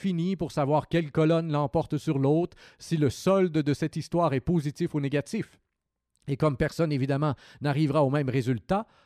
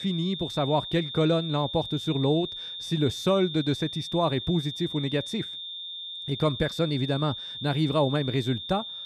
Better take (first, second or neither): first